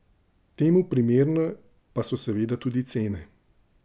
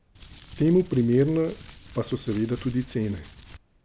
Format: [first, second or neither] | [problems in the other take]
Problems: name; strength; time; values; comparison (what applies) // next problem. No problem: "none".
first | background sound (Crumpling, crinkling); 19 dB below the speech